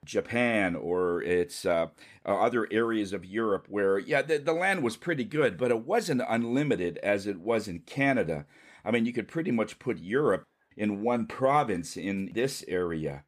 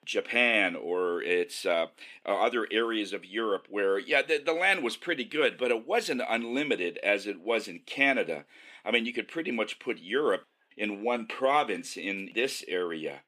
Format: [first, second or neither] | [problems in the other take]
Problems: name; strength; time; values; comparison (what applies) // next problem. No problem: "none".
first | thin; very slightly; fading below 250 Hz